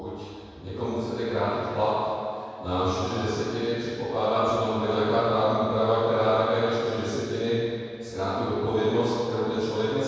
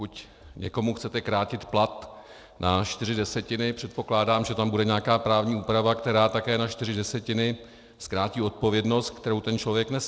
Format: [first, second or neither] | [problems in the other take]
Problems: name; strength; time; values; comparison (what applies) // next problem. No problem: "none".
second | room echo; dies away in 2.1 s